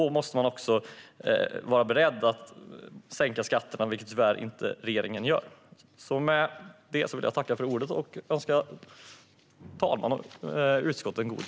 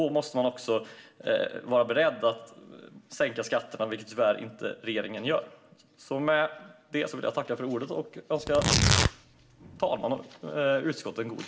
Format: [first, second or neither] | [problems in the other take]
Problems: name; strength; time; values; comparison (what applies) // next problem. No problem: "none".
first | background sound (Tearing); 2 dB above the speech // room echo; dies away in 0.4 s